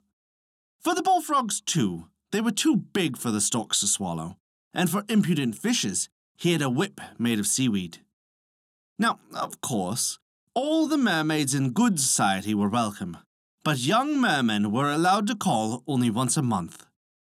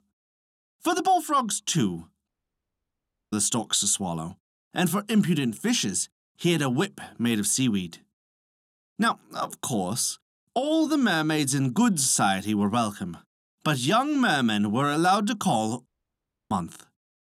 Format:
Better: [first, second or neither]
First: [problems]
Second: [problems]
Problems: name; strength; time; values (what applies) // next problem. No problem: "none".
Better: first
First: none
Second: audio cutting out; at 2.5 s for 1 s and at 16 s for 0.5 s